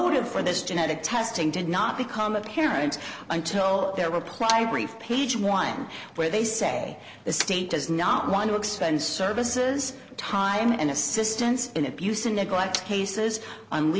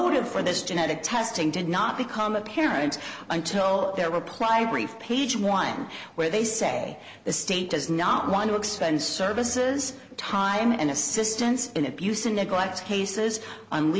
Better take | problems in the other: second | background sound (Motor vehicle (road) + Clapping); 18 dB below the speech

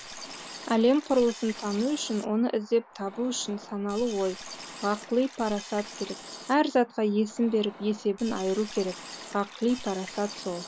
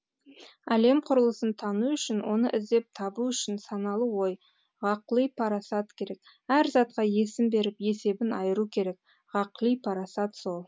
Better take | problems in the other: second | background sound (Liquid); 15 dB below the speech

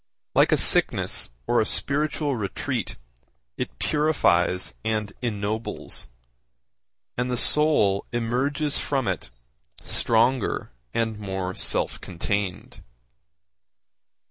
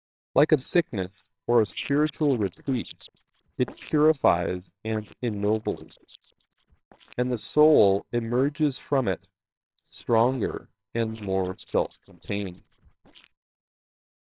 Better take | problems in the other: first | noise reduction (neural separator model SepFormer WHAMR!)

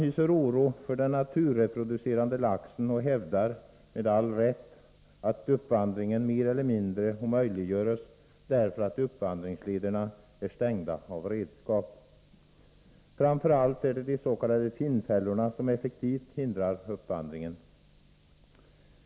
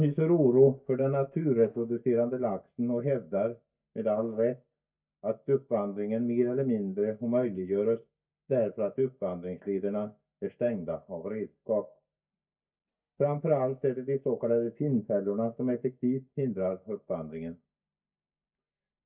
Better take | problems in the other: first | noise reduction (neural mask model DeepFilterNet 3)

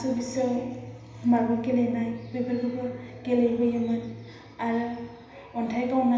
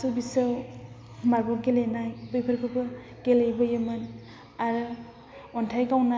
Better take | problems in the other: second | room echo; dies away in 0.9 s

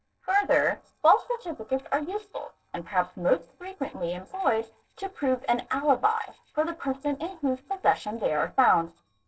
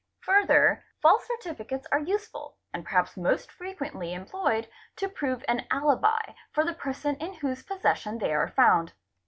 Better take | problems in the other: second | noise reduction (neural separator model SepFormer DNS4)

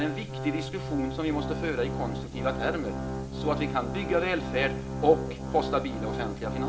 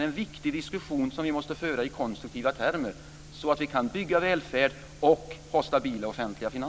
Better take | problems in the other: second | background sound (Organ); 3 dB below the speech // room echo; dies away in 0.8 s

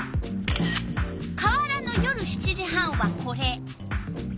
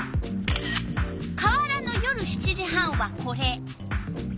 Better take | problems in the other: second | background sound (Snare drum); 7 dB below the speech

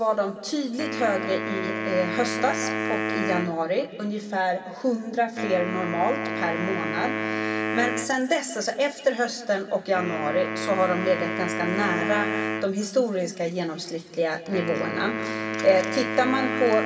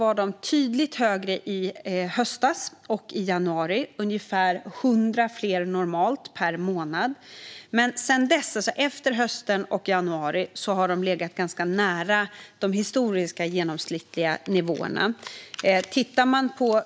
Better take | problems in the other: second | background sound (Wind instrument, woodwind instrument); 4 dB below the speech // room echo; dies away in 1.8 s

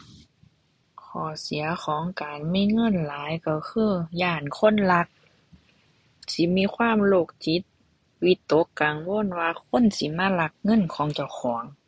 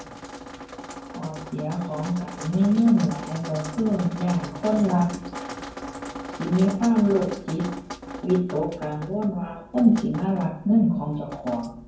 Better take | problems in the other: first | background sound (Drip); 13 dB below the speech // room echo; dies away in 0.9 s

